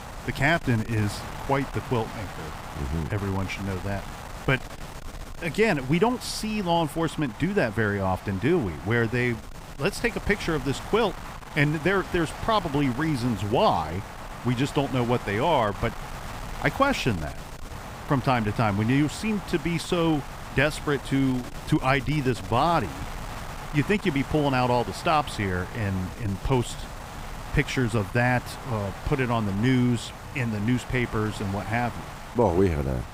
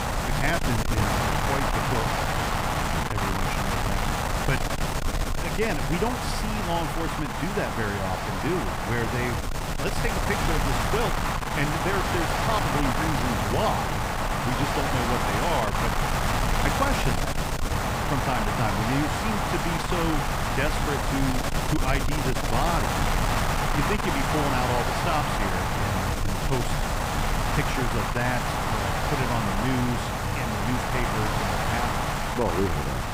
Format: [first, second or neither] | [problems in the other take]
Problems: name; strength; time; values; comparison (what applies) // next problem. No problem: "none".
first | wind noise on the microphone; heavy; 5 dB above the speech; occasional gusts in the first